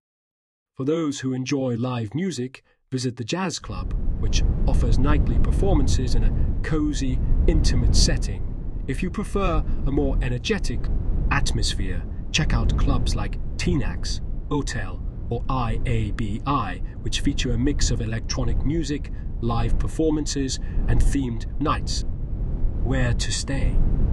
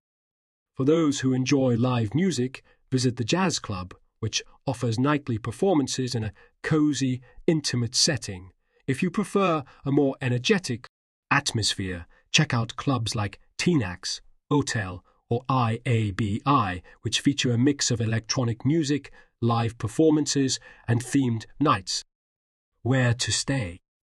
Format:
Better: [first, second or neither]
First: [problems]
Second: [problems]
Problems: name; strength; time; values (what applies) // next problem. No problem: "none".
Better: second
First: low rumble; noticeable; from 4 s on; 10 dB below the speech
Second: none